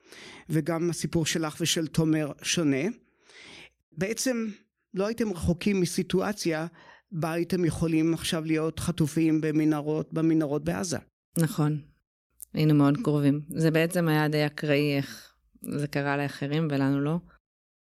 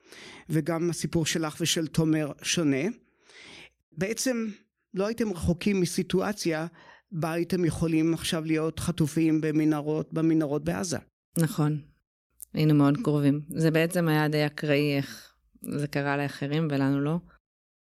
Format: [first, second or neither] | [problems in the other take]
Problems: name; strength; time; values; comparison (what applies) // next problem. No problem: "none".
neither | none